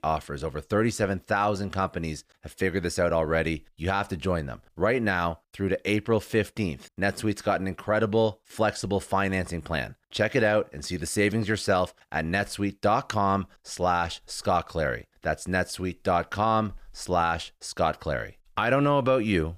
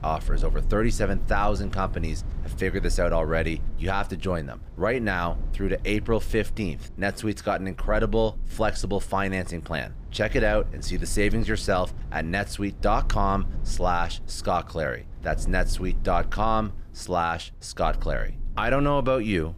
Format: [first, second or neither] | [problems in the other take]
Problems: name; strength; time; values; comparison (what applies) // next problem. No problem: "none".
first | low rumble; faint; throughout; 25 dB below the speech